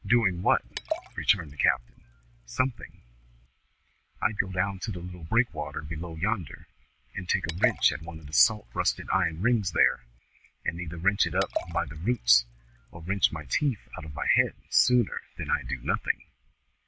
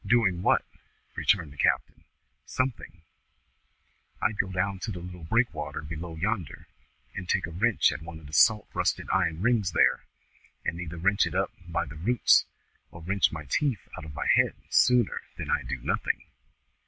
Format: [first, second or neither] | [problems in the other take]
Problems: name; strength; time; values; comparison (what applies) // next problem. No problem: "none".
second | background sound (Liquid); 12 dB below the speech